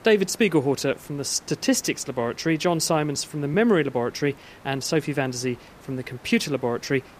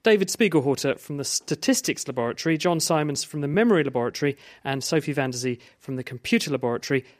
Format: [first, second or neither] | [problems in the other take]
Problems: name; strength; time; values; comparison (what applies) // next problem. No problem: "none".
second | hiss; faint; throughout; 25 dB below the speech